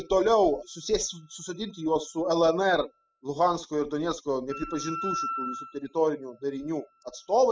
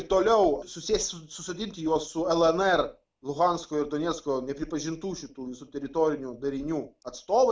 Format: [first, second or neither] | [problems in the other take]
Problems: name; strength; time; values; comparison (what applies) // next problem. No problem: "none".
second | noise reduction (classical method spectral subtraction)